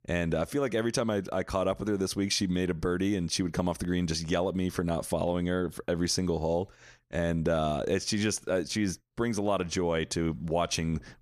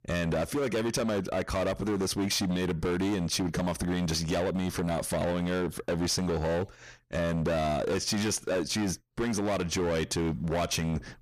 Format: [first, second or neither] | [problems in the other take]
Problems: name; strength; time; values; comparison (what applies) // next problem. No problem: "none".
first | distortion; heavy; 26% of the sound clipped